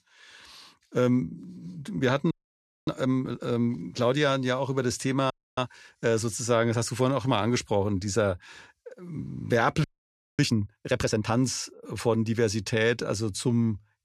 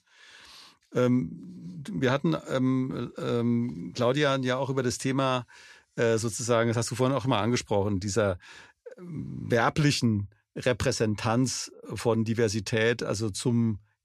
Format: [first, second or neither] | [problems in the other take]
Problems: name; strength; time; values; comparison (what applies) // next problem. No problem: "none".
second | audio freezing; at 2.5 s for 0.5 s, at 5.5 s and at 10 s for 0.5 s